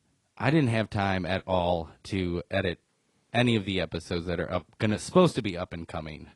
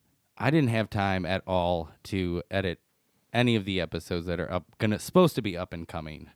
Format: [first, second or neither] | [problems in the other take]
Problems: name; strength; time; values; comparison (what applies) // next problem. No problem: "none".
second | garbled, watery; slightly; nothing above 10 kHz